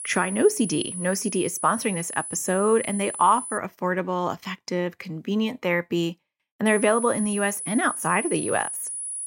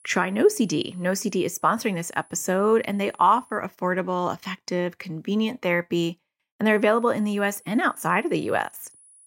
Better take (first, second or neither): second